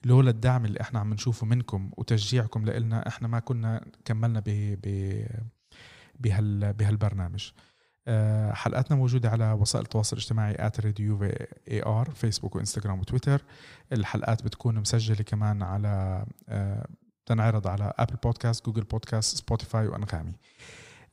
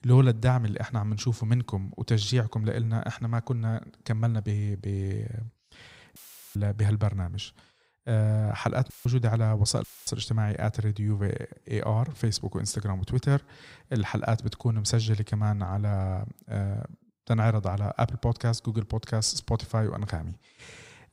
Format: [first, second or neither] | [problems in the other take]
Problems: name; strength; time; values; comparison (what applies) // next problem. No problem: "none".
first | audio cutting out; filled with static; at 6 s, at 9 s and at 10 s